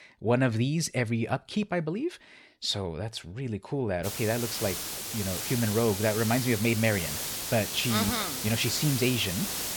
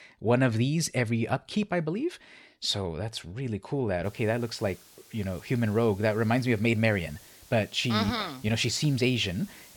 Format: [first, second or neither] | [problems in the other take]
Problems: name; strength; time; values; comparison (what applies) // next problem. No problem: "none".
second | hiss; loud; from 4 s on; 3 dB below the speech; faint in the second